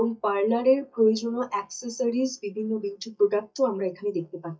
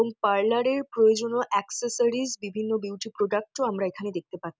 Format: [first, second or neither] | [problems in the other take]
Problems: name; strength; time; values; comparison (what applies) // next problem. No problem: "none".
second | noise reduction (neural mask model DeepFilterNet 3)